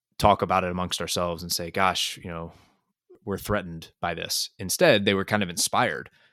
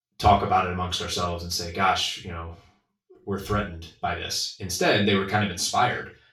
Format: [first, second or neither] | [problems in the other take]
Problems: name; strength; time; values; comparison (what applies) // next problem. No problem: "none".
first | room echo; noticeable; dies away in 0.3 s // off-mic speech; far